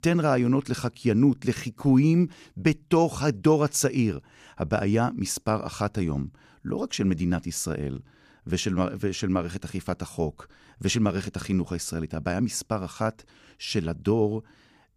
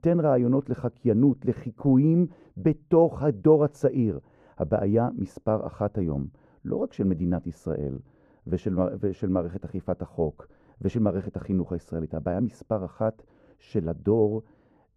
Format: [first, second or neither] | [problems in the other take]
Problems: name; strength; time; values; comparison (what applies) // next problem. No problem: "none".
first | muffled; very; fading above 2 kHz